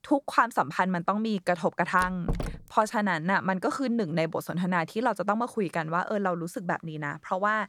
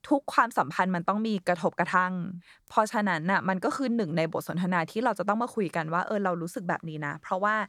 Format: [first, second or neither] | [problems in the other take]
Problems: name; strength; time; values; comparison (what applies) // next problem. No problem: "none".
second | door banging; noticeable; at 2 s; peak 6 dB below the speech